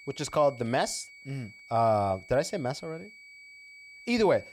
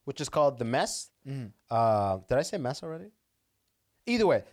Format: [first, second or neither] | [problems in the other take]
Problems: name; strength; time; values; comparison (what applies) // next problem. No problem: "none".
second | high-pitched whine; faint; throughout; 2.5 kHz, 20 dB below the speech